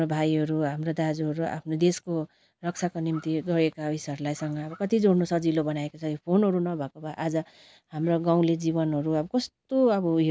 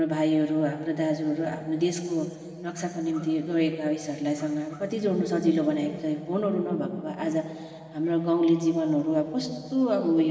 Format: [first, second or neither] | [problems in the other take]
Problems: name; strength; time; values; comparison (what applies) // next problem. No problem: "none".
first | room echo; dies away in 2.7 s